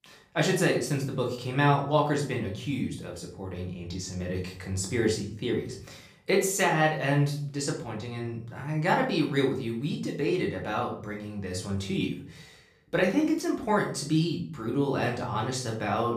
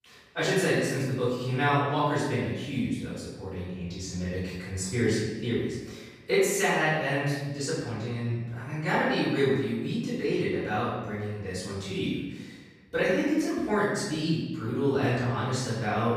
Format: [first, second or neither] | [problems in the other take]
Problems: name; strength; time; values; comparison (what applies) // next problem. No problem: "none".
first | room echo; strong; dies away in 1 s; slight in the first // off-mic speech; far; far in the first